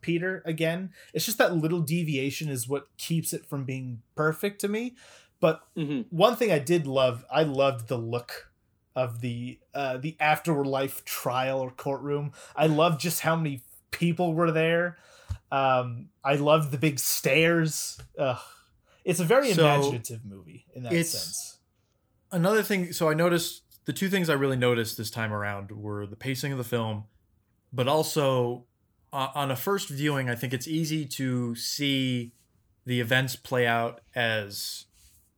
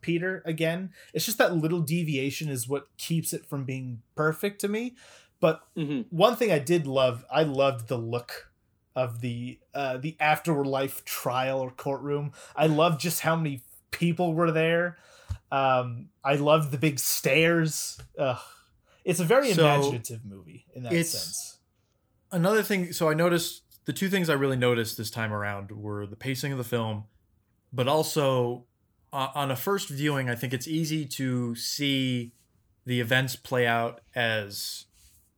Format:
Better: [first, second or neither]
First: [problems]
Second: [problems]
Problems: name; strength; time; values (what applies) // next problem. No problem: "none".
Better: neither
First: none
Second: none